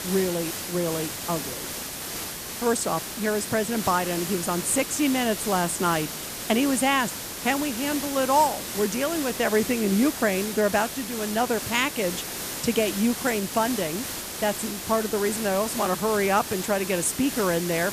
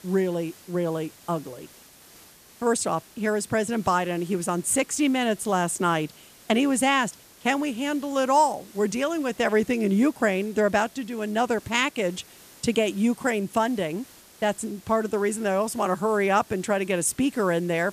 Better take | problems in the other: second | hiss; loud; throughout; 6 dB below the speech; faint in the second

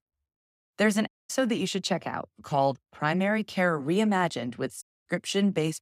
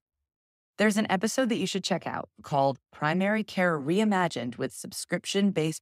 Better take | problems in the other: second | audio cutting out; at 1 s and at 5 s

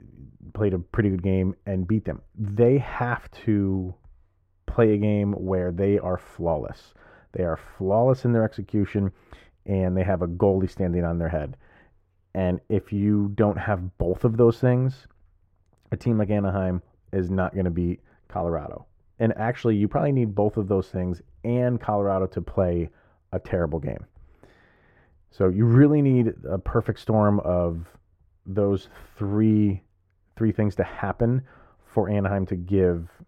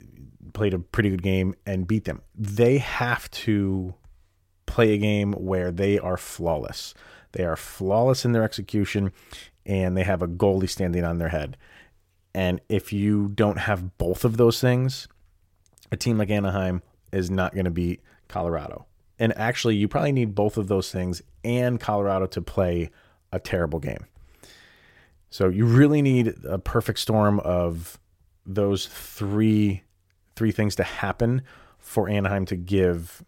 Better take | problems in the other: second | muffled; very; fading above 2.5 kHz

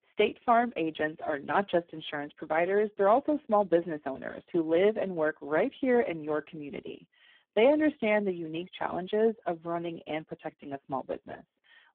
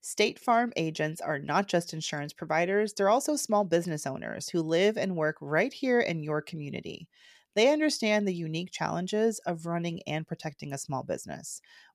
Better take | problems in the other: second | phone-call audio; poor line

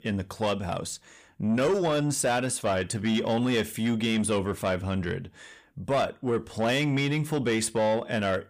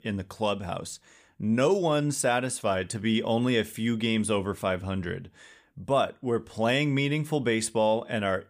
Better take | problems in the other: second | distortion; slight; 10 dB below the speech

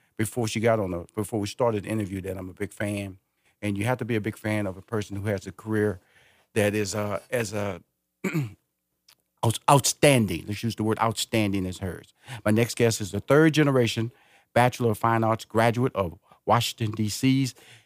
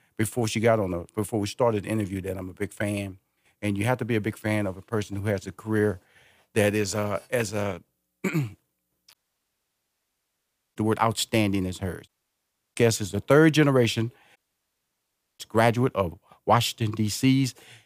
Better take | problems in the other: first | audio cutting out; at 9 s for 1.5 s, at 12 s for 0.5 s and at 14 s for 1 s

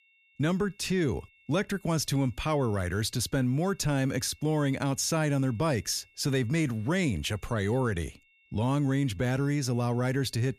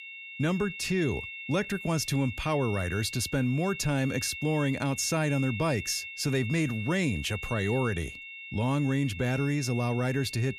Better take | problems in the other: first | high-pitched whine; loud; throughout; 2.5 kHz, 9 dB below the speech; faint in the first

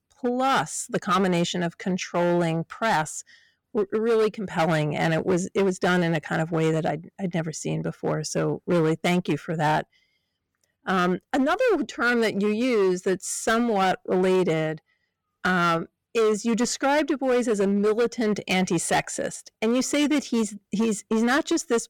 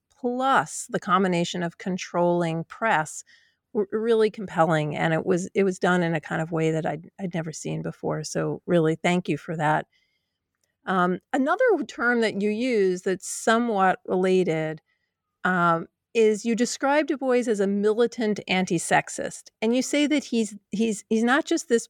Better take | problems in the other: second | distortion; slight; 11% of the sound clipped

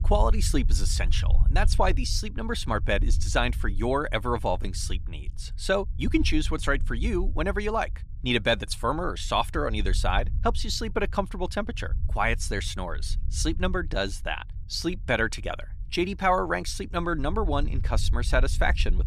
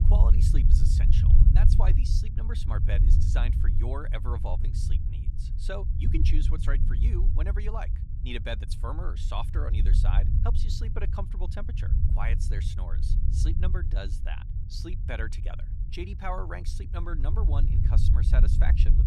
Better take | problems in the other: first | low rumble; loud; throughout; 5 dB below the speech; faint in the first

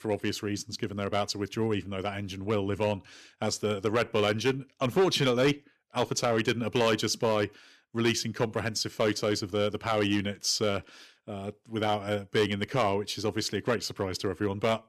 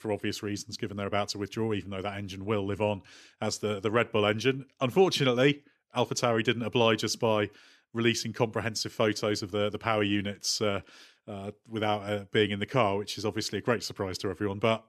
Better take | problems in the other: second | distortion; slight; 3% of the sound clipped

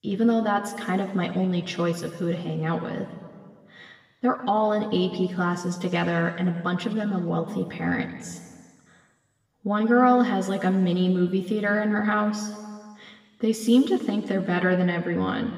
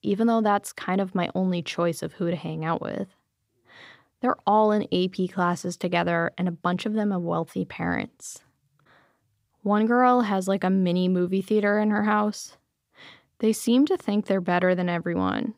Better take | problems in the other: second | room echo; noticeable; dies away in 1.4 s // off-mic speech; somewhat distant

